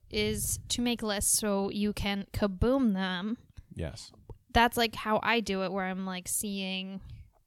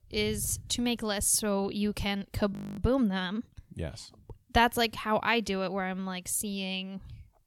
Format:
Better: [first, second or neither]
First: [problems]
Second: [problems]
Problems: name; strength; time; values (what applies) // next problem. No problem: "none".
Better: first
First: none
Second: audio freezing; at 2.5 s